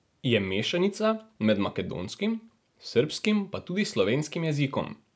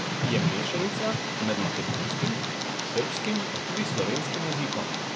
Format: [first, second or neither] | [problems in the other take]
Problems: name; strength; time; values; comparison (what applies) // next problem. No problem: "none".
first | background sound (Tick); 3 dB above the speech